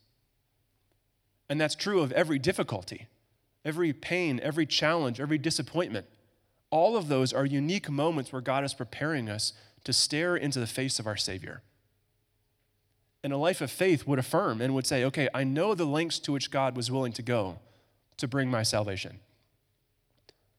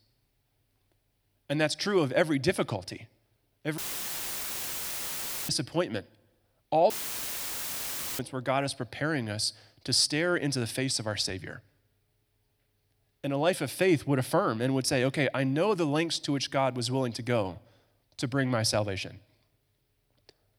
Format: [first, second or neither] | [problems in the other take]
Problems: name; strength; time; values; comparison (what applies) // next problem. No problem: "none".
first | audio cutting out; filled with static; at 4 s for 1.5 s and at 7 s for 1.5 s